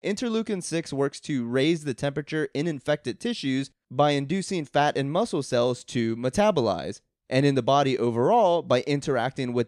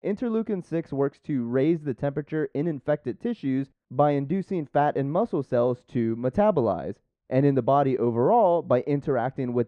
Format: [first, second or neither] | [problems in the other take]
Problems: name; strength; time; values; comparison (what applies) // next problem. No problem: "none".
first | muffled; very; fading above 2.5 kHz